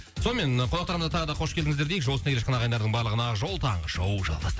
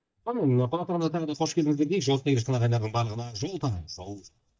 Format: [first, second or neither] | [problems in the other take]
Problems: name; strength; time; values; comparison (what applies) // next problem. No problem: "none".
first | noise reduction (neural mask model DeepFilterNet 3)